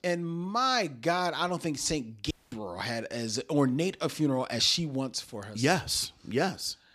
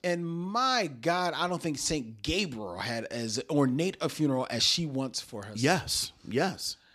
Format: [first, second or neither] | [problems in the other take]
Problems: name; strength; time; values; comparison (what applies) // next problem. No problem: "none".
second | audio cutting out; at 2.5 s